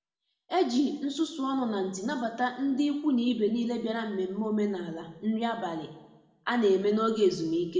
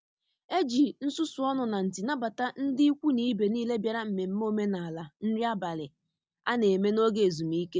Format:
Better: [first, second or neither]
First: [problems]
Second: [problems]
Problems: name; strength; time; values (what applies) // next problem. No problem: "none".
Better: second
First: room echo; dies away in 0.9 s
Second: none